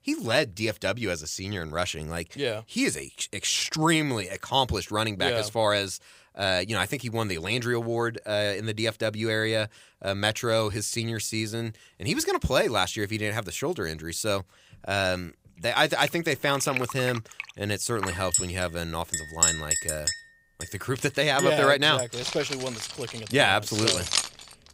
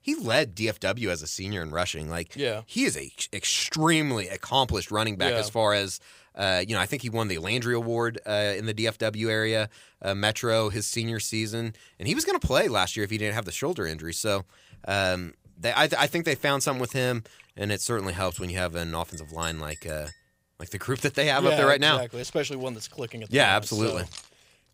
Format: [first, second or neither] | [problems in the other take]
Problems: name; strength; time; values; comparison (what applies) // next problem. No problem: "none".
second | household noises; loud; from 16 s on; 2 dB below the speech; faint in the second